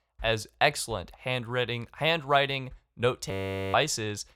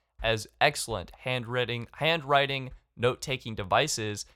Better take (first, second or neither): second